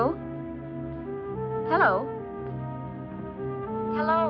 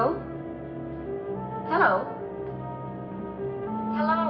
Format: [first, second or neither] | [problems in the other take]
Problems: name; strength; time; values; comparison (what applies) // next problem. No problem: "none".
first | background sound (Wind instrument, woodwind instrument); 14 dB below the speech // room echo; dies away in 0.6 s